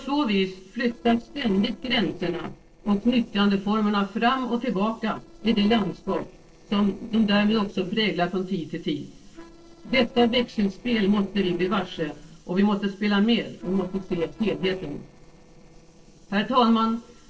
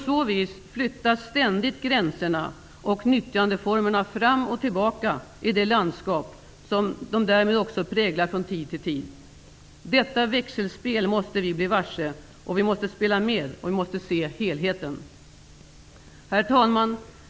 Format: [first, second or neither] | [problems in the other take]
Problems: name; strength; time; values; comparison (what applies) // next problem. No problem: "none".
second | noise reduction (neural separator model SepFormer DNS4)